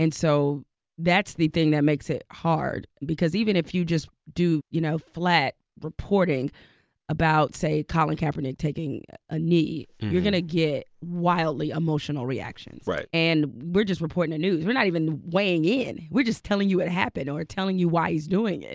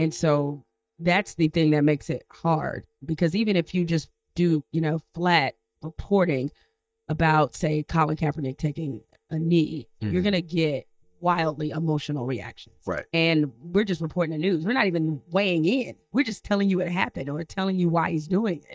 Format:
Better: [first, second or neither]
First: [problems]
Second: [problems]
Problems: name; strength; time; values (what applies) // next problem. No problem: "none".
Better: first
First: none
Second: noise reduction (neural mask model DeepFilterNet 3)